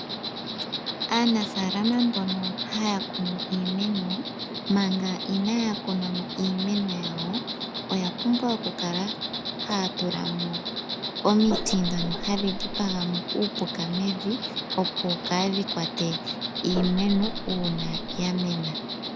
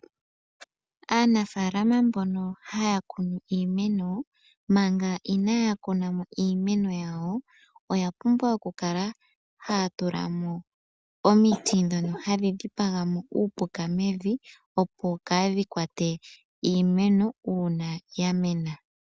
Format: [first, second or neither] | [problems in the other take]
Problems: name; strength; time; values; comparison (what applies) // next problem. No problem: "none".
second | background sound (Gong + Insect); 4 dB below the speech